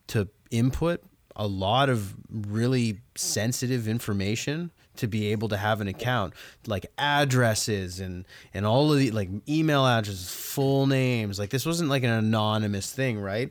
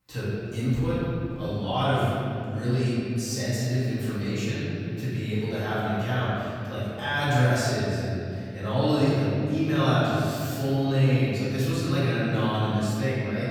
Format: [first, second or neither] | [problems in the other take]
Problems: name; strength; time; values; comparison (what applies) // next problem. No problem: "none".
first | off-mic speech; far // room echo; strong; dies away in 2.7 s